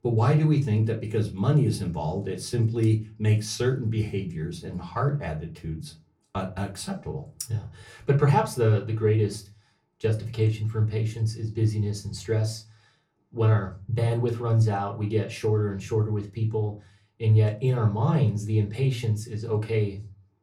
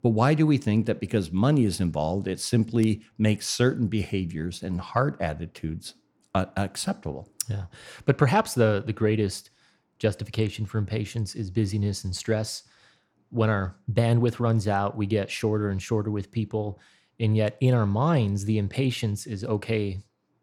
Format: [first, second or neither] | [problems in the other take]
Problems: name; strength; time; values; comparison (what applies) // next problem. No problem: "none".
second | off-mic speech; far // room echo; very slight; dies away in 0.2 s